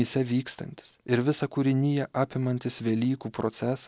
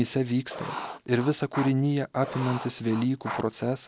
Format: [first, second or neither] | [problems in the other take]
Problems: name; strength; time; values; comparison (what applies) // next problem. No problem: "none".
first | background sound (Writing); 11 dB below the speech